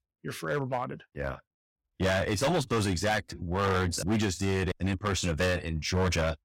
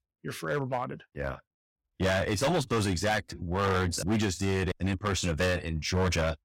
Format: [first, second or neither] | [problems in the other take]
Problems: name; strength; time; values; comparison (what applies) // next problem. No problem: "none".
neither | distortion; heavy; 11% of the sound clipped; the same in both